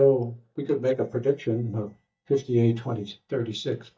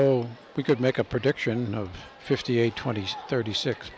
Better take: second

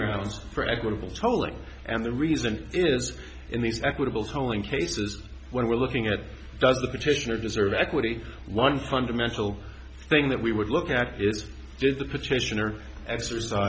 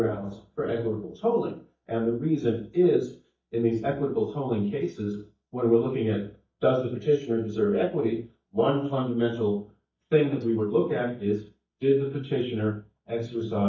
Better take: first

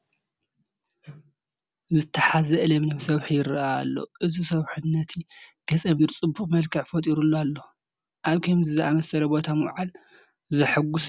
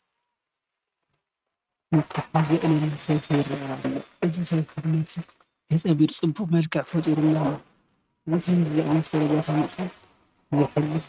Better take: first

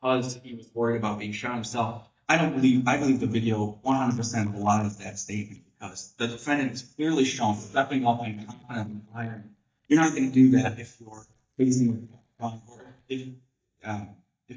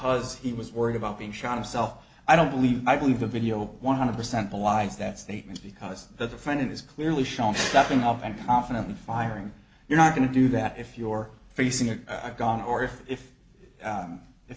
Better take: second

